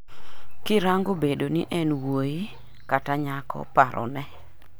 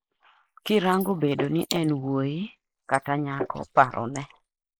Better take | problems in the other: first | noise reduction (neural mask model Resemble Enhance denoiser)

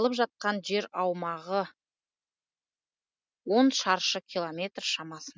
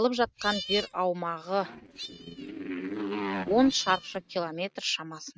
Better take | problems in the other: first | noise reduction (neural mask model RNNoise)

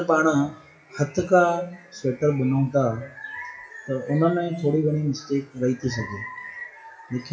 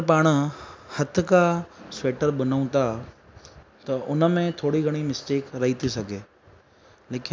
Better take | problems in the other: second | noise reduction (classical method WPE with log-MMSE)

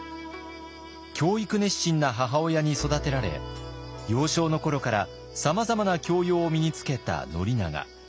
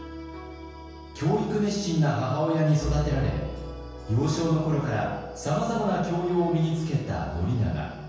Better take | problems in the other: first | room echo; dies away in 1.2 s

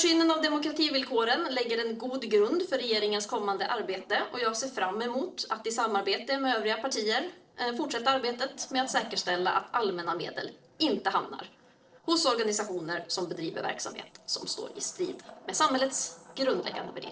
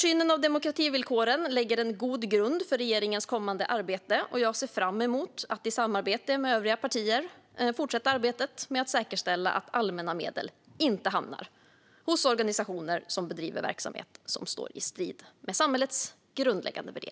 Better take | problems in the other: second | noise reduction (neural separator model SepFormer DNS4)

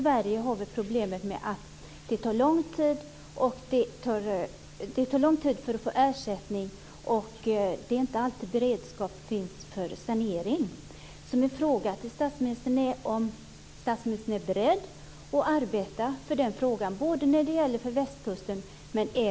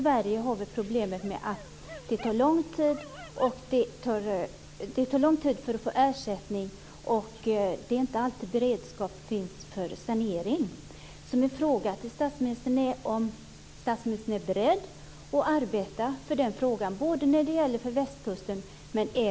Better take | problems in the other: first | background sound (Dog); 19 dB below the speech

